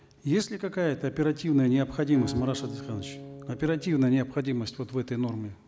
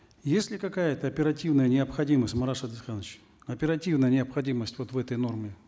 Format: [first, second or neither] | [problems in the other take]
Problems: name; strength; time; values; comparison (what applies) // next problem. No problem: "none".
second | background sound (Acoustic guitar); 15 dB below the speech